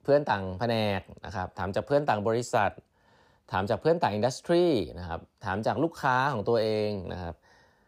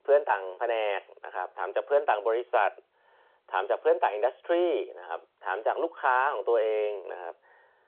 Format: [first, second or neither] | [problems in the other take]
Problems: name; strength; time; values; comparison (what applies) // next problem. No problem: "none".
first | phone-call audio